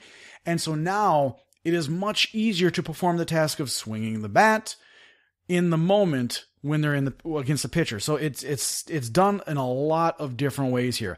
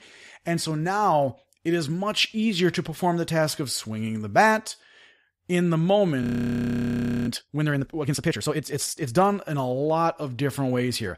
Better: first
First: none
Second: audio freezing; at 6 s for 1 s

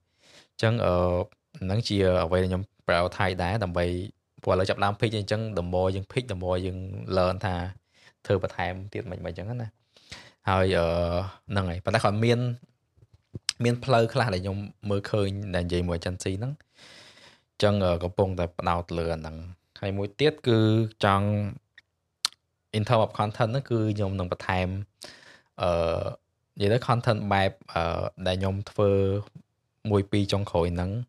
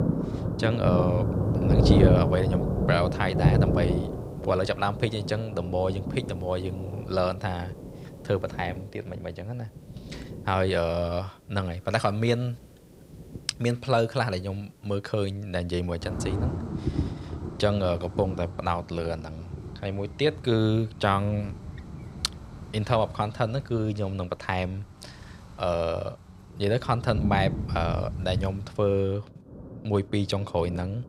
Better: first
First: none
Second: rain or running water; loud; throughout; 1 dB below the speech

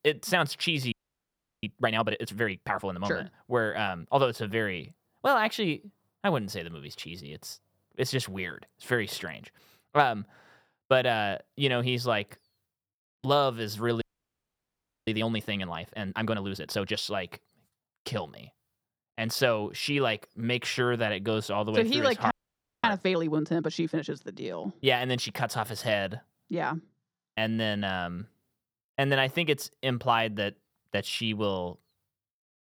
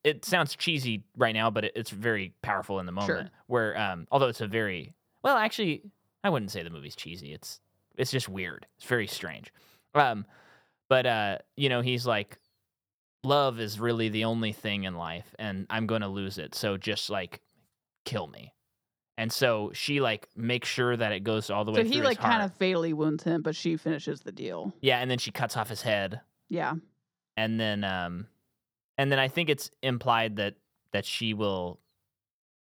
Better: second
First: audio freezing; at 1 s for 0.5 s, at 14 s for 1 s and at 22 s for 0.5 s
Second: none

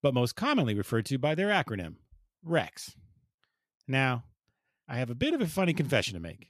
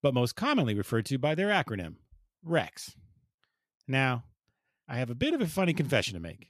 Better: neither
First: none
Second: none

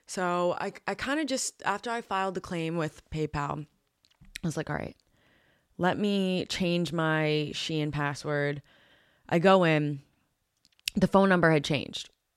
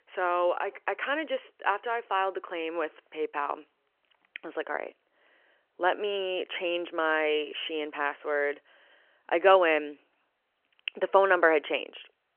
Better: first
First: none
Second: phone-call audio; nothing above 3 kHz

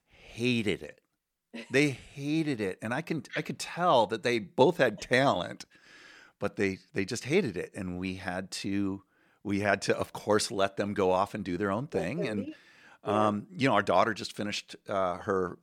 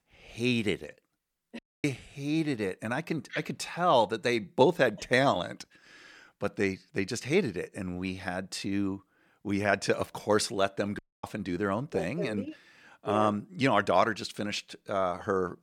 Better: first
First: none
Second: audio cutting out; at 1.5 s and at 11 s

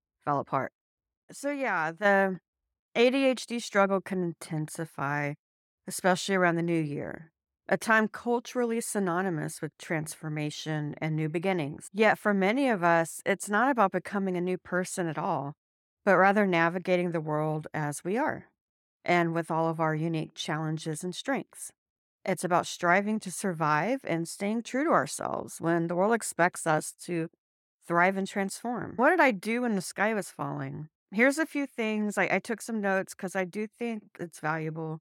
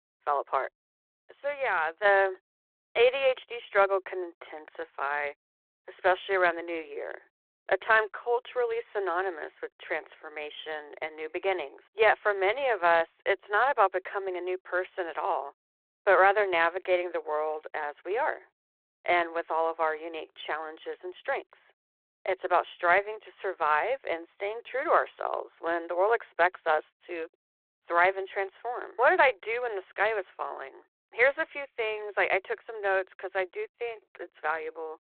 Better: first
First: none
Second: phone-call audio

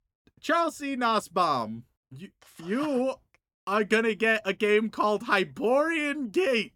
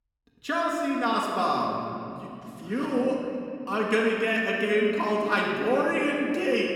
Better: first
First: none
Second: room echo; noticeable; dies away in 2.5 s // off-mic speech; far

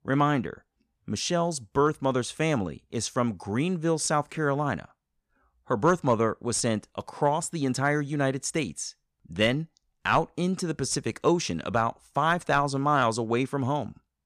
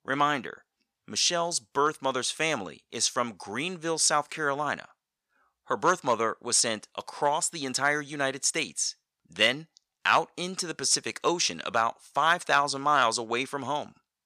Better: first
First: none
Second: thin; somewhat; fading below 1 kHz

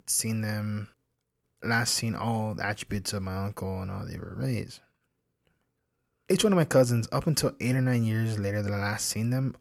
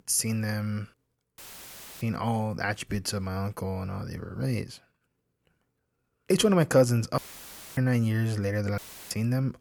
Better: first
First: none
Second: audio cutting out; filled with static; at 1.5 s for 0.5 s, at 7 s for 0.5 s and at 9 s

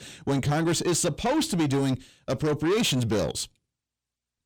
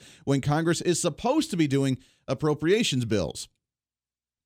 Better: second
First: distortion; heavy; 8 dB below the speech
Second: none

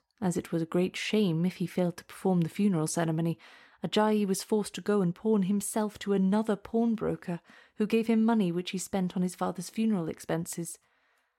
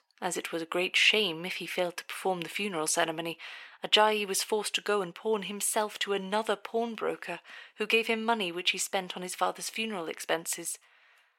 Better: first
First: none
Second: thin; very; fading below 550 Hz

